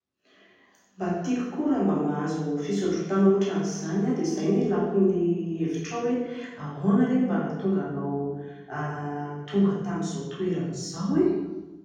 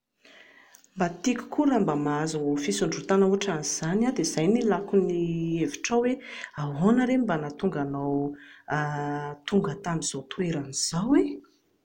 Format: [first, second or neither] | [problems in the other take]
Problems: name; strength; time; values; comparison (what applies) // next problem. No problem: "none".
second | room echo; dies away in 1.3 s